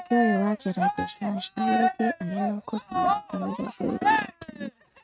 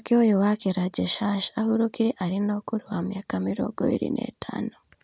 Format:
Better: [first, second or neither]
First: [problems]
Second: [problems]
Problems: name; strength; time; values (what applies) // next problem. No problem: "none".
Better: second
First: noise reduction (neural mask model RNNoise)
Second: none